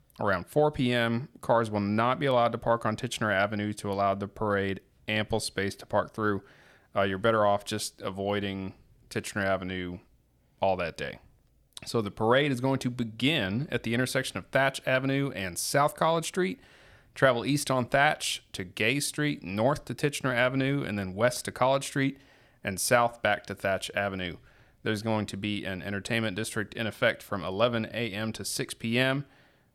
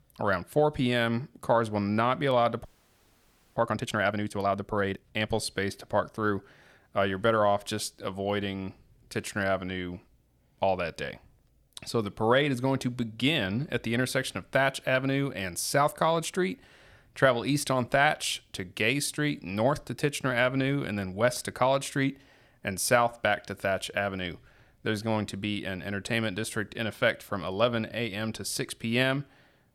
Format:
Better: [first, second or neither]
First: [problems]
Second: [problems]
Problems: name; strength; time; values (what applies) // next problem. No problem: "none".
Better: first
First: none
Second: audio freezing; at 2.5 s for 1 s